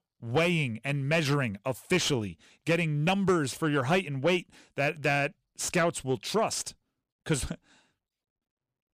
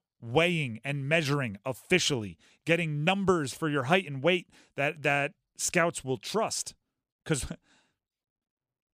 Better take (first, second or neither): second